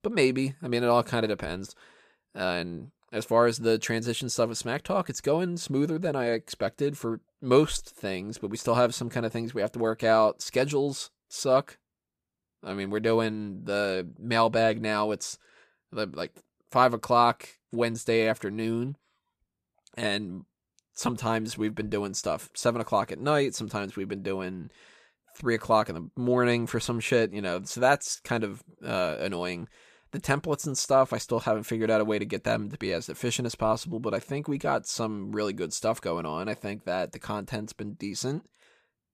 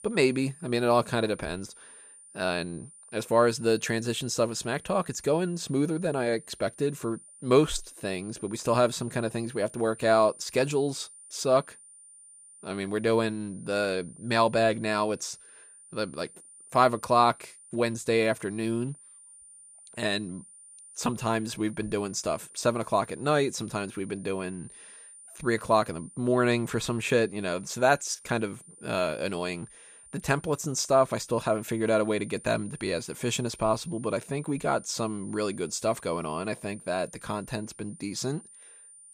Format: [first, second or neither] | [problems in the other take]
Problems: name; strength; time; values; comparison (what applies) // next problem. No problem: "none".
first | high-pitched whine; noticeable; throughout; 9 kHz, 20 dB below the speech